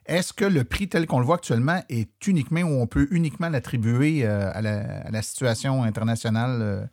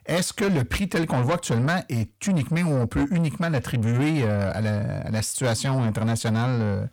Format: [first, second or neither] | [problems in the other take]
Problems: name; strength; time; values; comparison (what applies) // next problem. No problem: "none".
first | distortion; slight; 10 dB below the speech